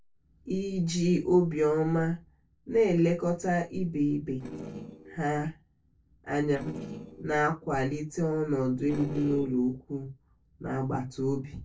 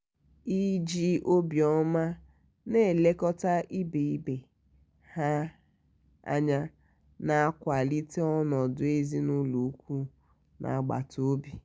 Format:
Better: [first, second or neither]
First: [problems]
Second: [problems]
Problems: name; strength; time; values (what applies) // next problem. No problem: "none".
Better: second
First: noise reduction (neural separator model SepFormer DNS4)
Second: none